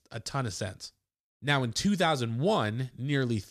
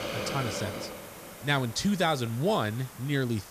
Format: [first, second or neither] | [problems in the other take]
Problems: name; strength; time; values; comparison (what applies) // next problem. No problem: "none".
first | hiss; noticeable; throughout; 10 dB below the speech